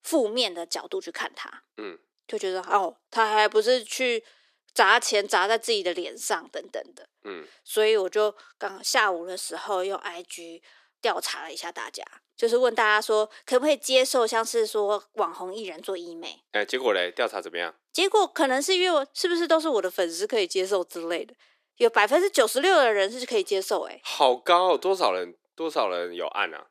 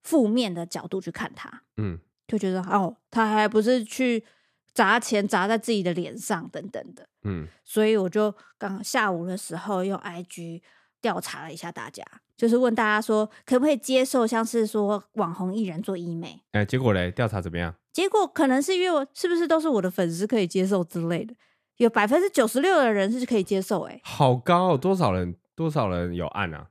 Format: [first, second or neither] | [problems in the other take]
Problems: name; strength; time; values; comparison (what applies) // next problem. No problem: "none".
second | thin; very; fading below 350 Hz